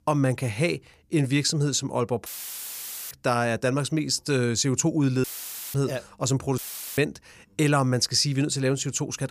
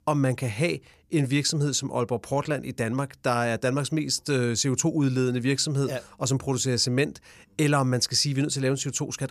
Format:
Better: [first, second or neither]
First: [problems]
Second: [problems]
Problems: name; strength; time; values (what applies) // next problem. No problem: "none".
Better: second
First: audio cutting out; filled with static; at 2.5 s for 1 s, at 5 s for 0.5 s and at 6.5 s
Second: none